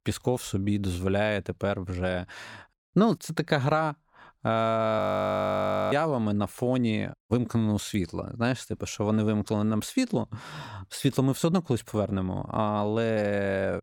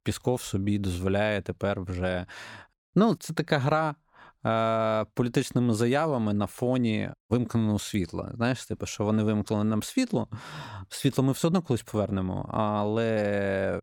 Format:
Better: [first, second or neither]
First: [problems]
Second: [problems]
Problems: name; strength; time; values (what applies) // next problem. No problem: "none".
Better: second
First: audio freezing; at 5 s for 1 s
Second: none